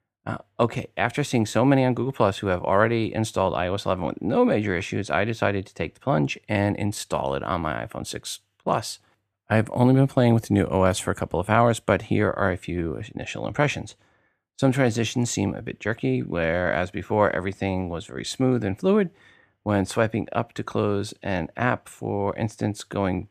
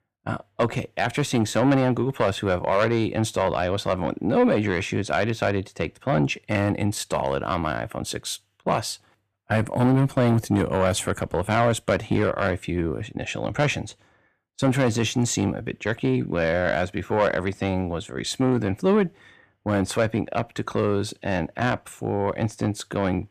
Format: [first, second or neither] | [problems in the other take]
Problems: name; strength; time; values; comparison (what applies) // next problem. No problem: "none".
first | distortion; slight; 10 dB below the speech